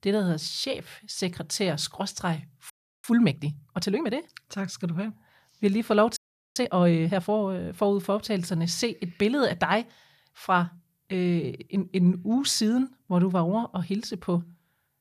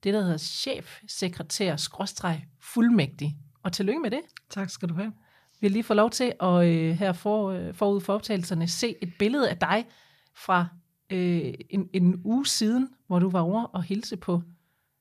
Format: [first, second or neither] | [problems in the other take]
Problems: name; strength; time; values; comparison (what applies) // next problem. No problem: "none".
second | audio freezing; at 2.5 s and at 6 s